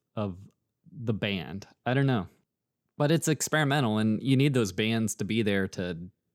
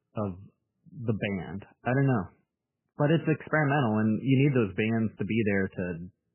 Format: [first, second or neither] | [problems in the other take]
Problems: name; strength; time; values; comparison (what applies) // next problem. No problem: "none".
first | garbled, watery; badly; nothing above 3 kHz